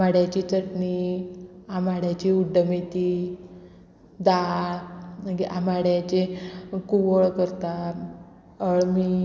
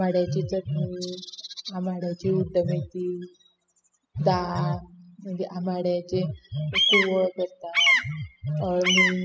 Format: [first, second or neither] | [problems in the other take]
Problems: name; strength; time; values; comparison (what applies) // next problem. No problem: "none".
first | noise reduction (classical method spectral subtraction)